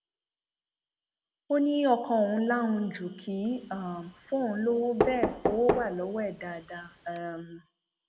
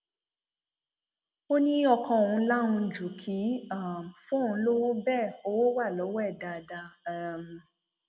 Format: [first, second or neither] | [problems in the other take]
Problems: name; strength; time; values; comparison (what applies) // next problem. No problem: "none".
second | background sound (Knock); 3 dB below the speech